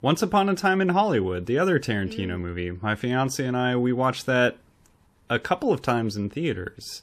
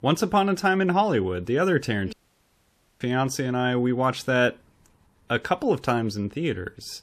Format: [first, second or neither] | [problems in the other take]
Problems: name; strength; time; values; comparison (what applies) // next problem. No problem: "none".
first | audio cutting out; at 2 s for 1 s